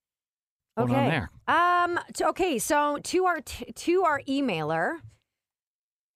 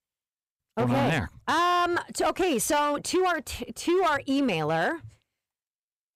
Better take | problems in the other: first | distortion; slight; 10% of the sound clipped

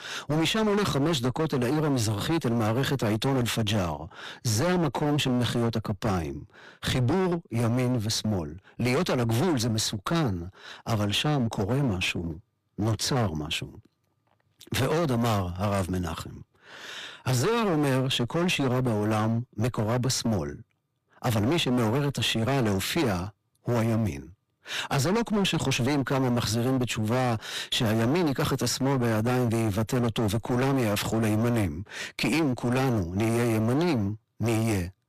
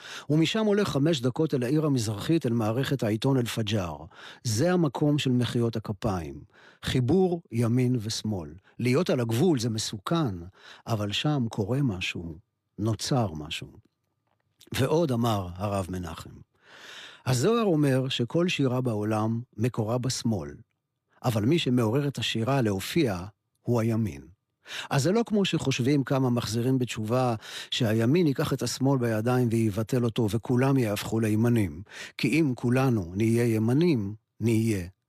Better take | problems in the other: second | distortion; heavy; 24% of the sound clipped

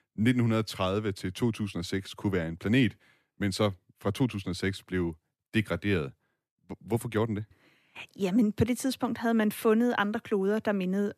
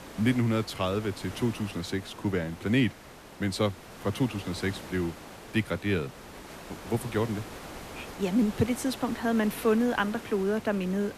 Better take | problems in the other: first | hiss; noticeable; throughout; 15 dB below the speech

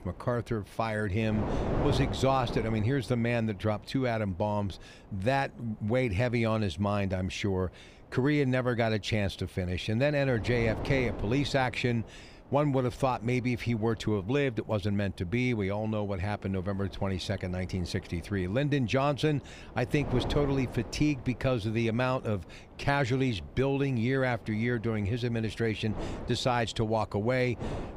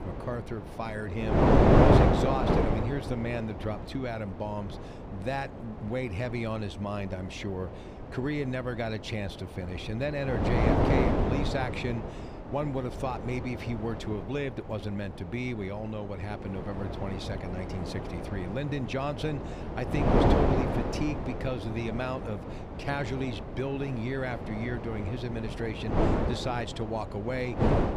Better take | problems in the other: first | wind noise on the microphone; heavy; 4 dB above the speech; occasional gusts in the first

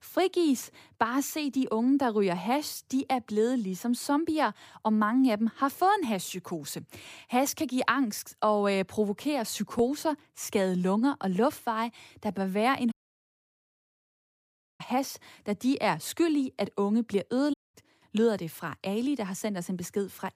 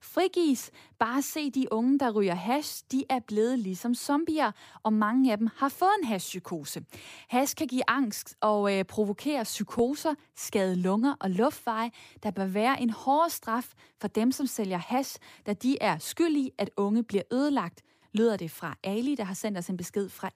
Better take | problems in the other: second | audio cutting out; at 13 s for 2 s and at 18 s

